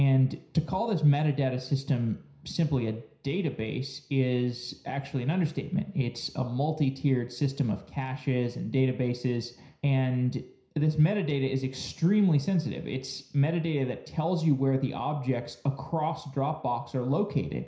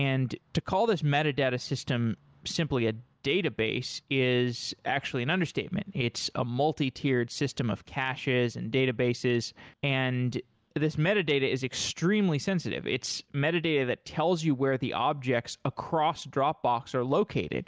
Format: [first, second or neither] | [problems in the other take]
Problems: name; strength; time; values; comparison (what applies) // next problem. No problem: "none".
second | room echo; dies away in 0.5 s